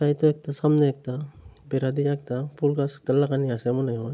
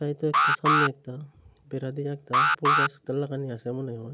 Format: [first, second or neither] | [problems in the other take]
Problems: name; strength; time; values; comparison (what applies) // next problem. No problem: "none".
first | background sound (Alarm); 5 dB above the speech